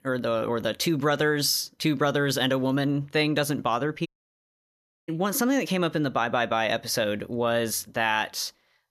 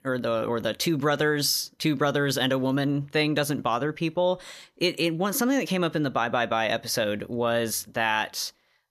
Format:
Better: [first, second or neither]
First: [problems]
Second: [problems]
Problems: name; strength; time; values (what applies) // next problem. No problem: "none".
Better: second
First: audio cutting out; at 4 s for 1 s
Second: none